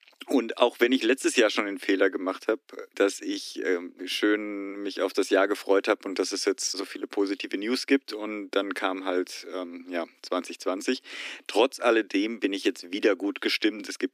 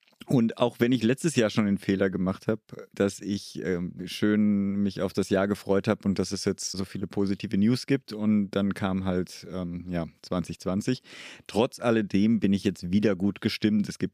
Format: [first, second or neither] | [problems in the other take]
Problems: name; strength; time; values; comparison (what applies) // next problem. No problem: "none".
second | thin; somewhat; fading below 250 Hz